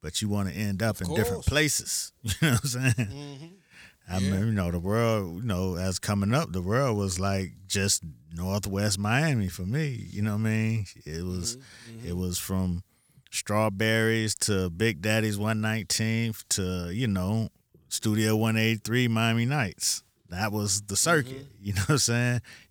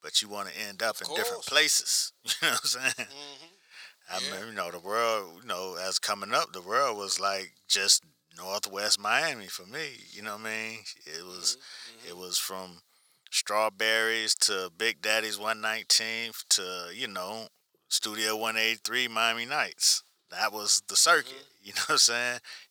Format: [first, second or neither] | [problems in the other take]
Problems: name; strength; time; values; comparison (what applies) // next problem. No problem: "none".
first | thin; very; fading below 650 Hz